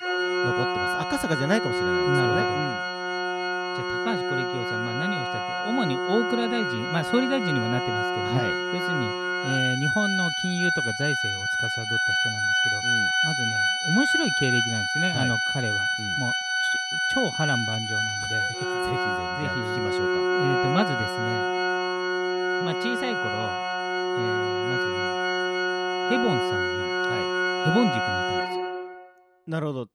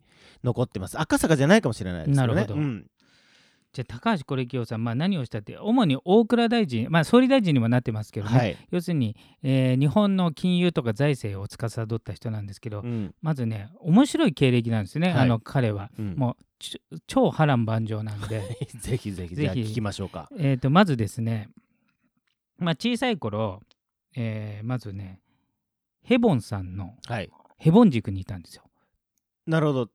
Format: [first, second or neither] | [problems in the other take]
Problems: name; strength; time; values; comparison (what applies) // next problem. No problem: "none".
second | background music; very loud; throughout; 5 dB above the speech